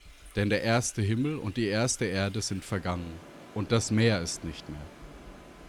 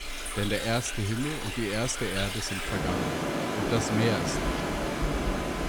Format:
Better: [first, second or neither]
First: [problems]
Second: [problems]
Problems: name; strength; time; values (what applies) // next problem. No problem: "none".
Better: first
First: rain or running water; faint; throughout; 20 dB below the speech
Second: rain or running water; loud; throughout; as loud as the speech